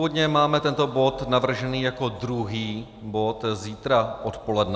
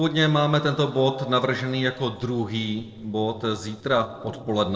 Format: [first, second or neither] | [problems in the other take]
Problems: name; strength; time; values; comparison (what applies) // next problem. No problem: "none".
first | noise reduction (neural separator model SepFormer DNS4)